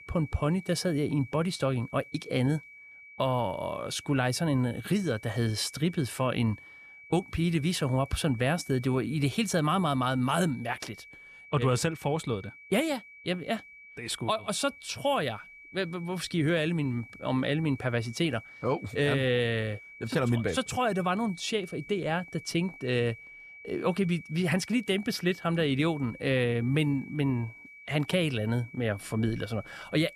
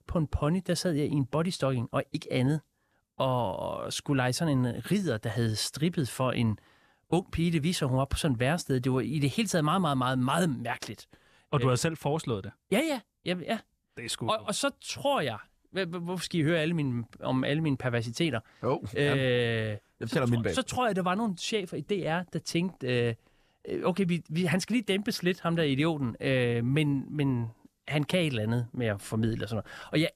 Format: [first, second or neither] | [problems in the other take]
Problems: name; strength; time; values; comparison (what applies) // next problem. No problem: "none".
second | high-pitched whine; noticeable; throughout; 2.5 kHz, 20 dB below the speech